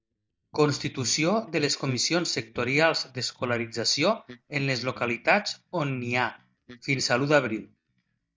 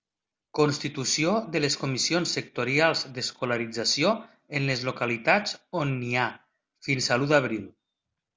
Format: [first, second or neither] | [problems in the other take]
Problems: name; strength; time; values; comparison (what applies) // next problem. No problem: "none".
second | noise reduction (neural mask model DeepFilterNet 3)